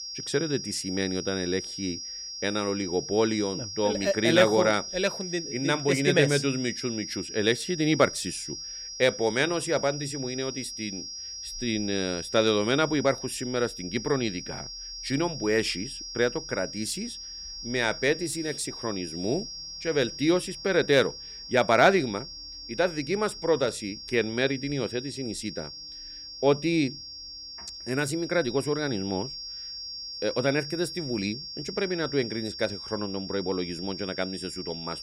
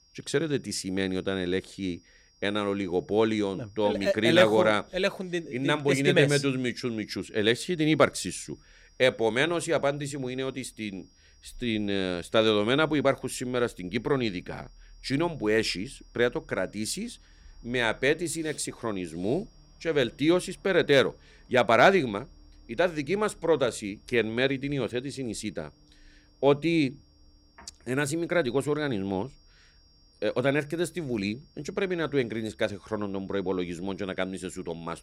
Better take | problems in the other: second | high-pitched whine; loud; throughout; 5.5 kHz, 9 dB below the speech; faint in the second

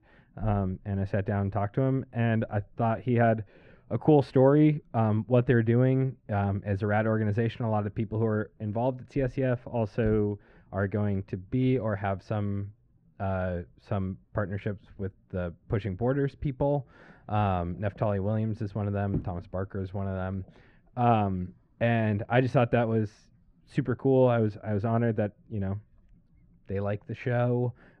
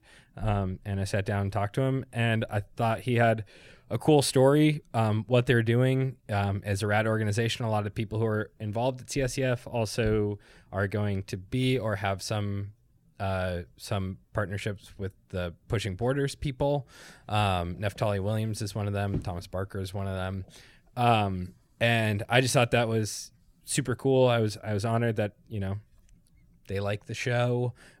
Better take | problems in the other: second | muffled; very; fading above 1.5 kHz

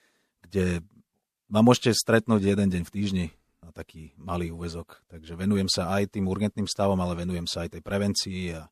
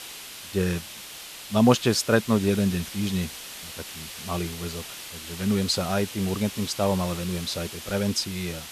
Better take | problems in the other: first | hiss; noticeable; throughout; 10 dB below the speech

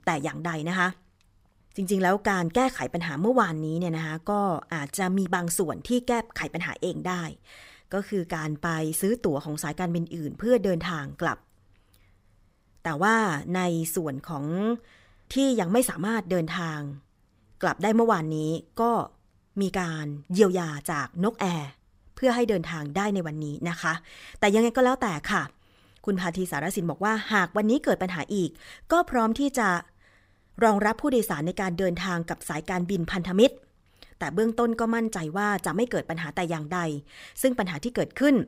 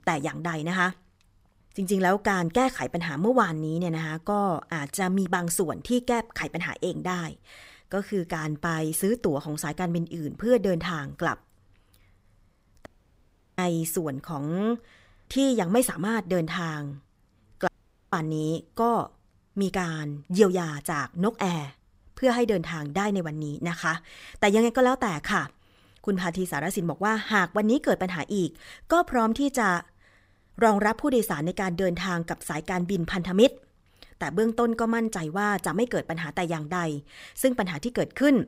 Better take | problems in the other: first | audio cutting out; at 13 s for 0.5 s and at 18 s

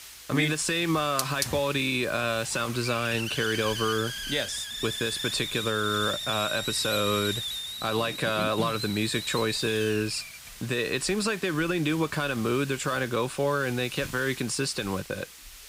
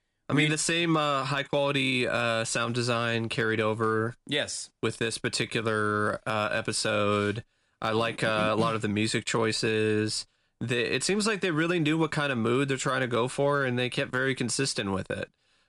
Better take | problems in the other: second | hiss; loud; throughout; 6 dB below the speech

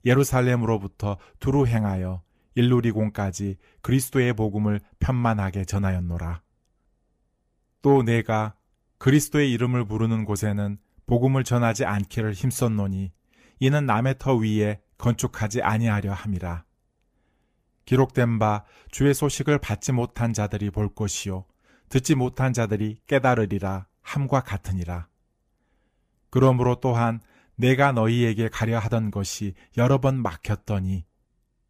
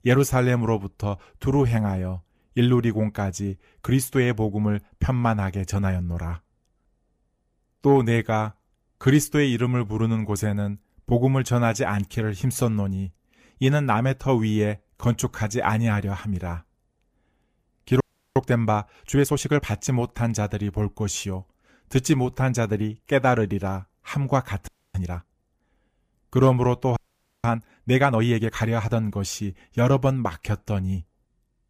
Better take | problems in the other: first | audio freezing; at 18 s, at 25 s and at 27 s

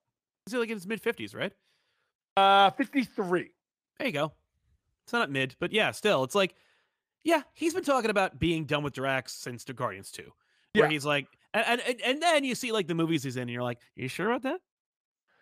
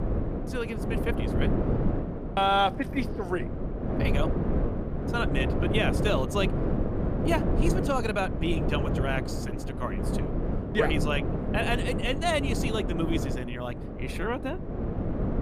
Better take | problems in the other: first | wind noise on the microphone; heavy; 5 dB below the speech

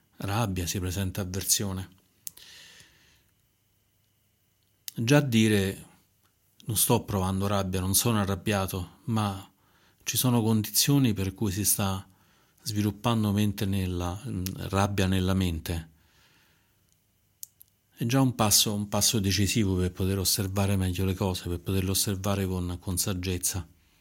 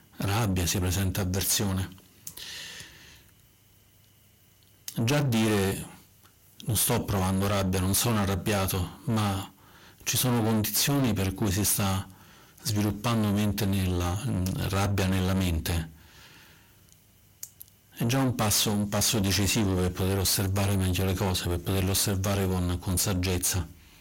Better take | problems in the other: first | distortion; heavy; 5 dB below the speech

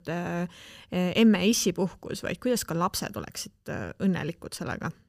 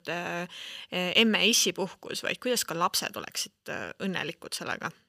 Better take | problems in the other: first | thin; very slightly; fading below 600 Hz

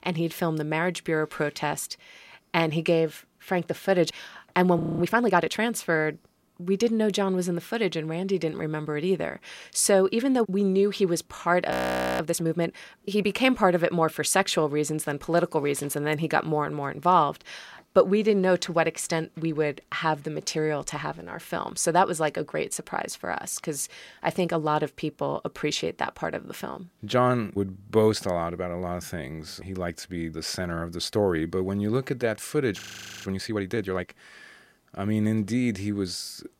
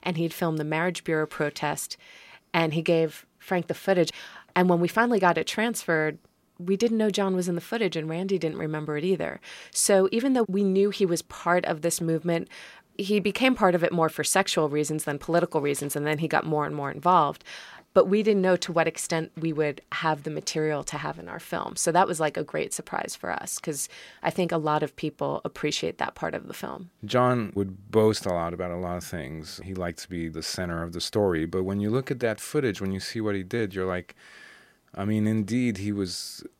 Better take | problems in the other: second | audio freezing; at 5 s, at 12 s and at 33 s

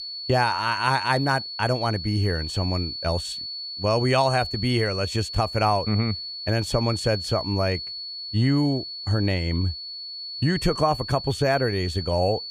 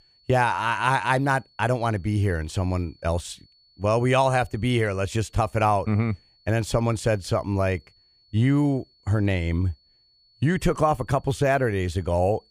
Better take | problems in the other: second | high-pitched whine; loud; throughout; 4.5 kHz, 7 dB below the speech; faint in the second

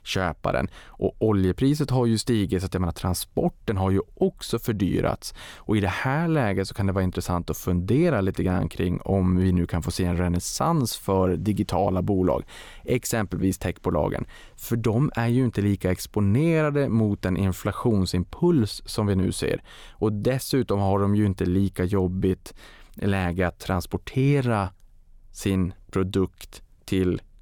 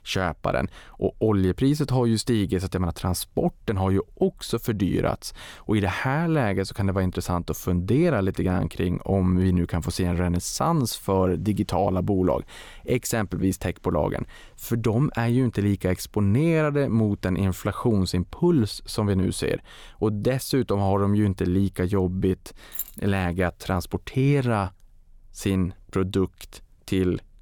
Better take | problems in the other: first | jangling keys; noticeable; at 23 s; peak 8 dB below the speech

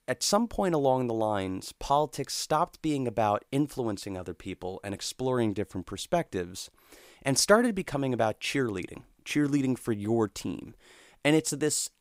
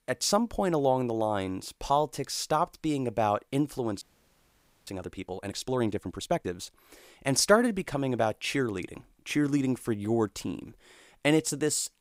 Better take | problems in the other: first | audio freezing; at 4 s for 1 s

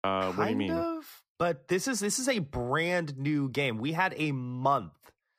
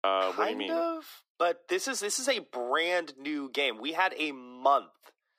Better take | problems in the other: first | thin; somewhat; fading below 300 Hz

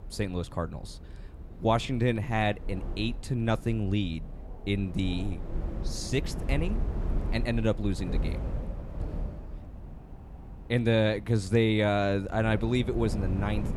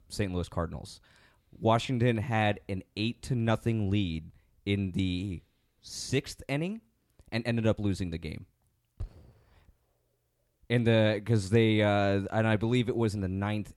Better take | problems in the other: second | wind noise on the microphone; occasional gusts; 15 dB below the speech

